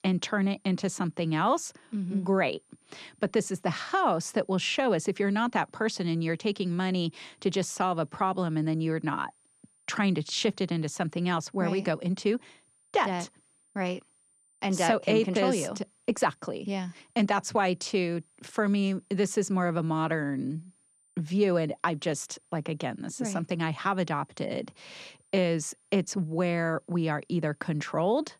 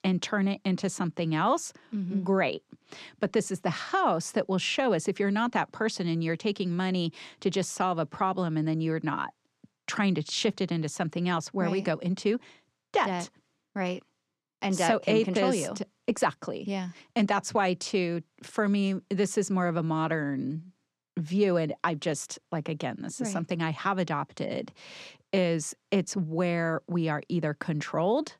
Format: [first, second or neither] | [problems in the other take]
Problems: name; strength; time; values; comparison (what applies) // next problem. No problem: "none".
second | high-pitched whine; faint; throughout; 9 kHz, 35 dB below the speech